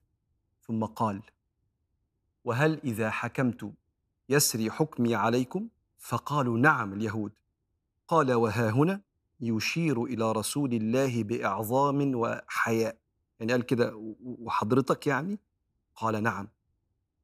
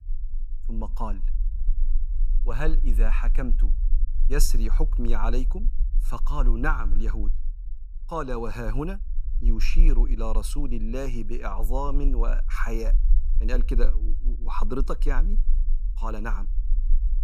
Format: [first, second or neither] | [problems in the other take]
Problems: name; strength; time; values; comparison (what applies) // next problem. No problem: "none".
first | low rumble; faint; throughout; 20 dB below the speech